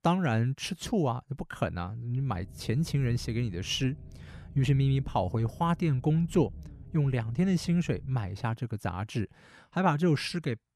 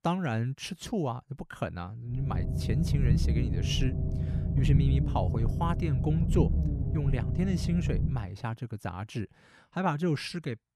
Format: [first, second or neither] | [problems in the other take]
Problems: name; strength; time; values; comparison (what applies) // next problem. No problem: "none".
first | low rumble; loud; from 2 to 8 s; 5 dB below the speech; faint in the first